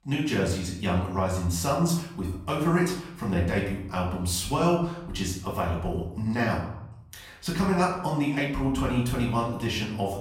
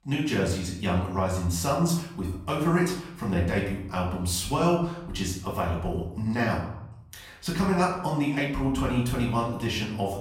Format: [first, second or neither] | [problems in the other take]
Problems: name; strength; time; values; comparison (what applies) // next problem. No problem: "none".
neither | off-mic speech; far; the same in both // room echo; noticeable; dies away in 0.7 s; the same in both